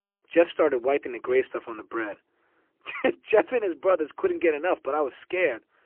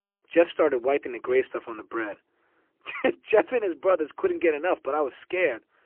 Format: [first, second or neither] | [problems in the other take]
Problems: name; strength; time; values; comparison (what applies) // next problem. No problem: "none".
neither | phone-call audio; poor line; the same in both